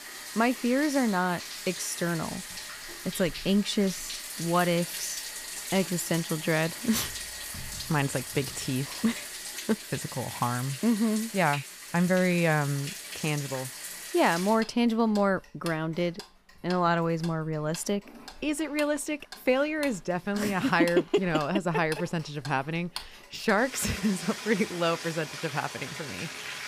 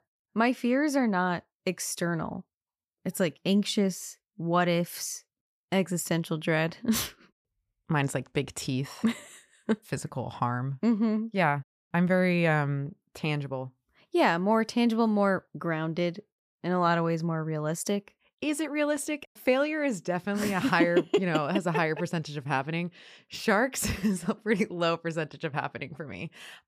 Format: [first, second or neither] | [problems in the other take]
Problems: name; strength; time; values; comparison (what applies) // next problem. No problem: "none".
second | household noises; loud; throughout; 10 dB below the speech